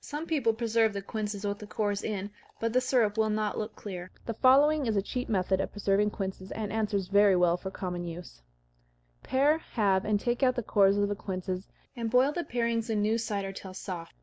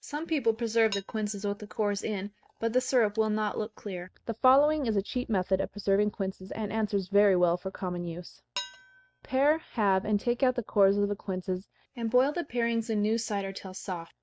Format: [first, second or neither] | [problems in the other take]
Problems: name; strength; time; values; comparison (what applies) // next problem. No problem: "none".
first | noise reduction (neural mask model RNNoise)